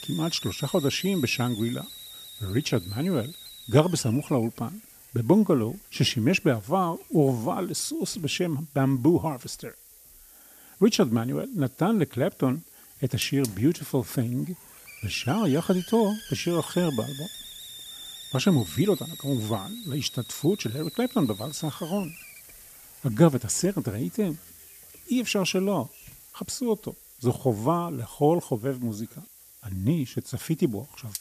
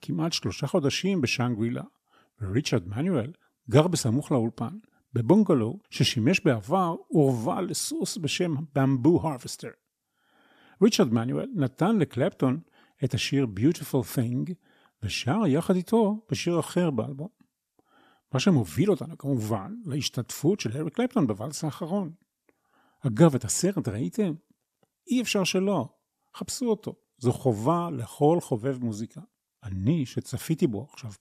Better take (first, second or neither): second